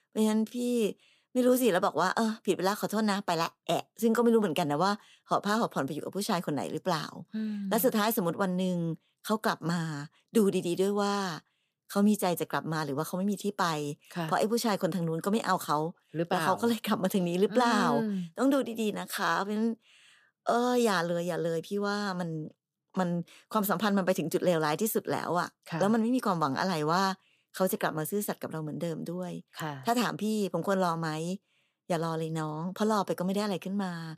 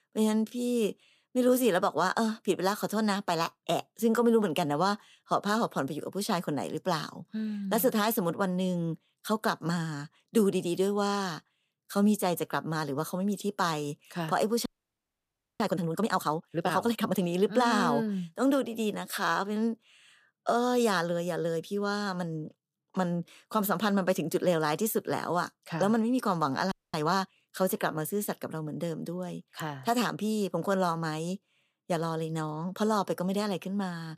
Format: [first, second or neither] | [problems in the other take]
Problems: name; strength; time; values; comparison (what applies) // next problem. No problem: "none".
first | audio freezing; at 15 s for 1 s and at 27 s